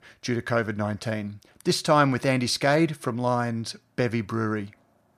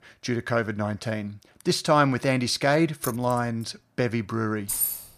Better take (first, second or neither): first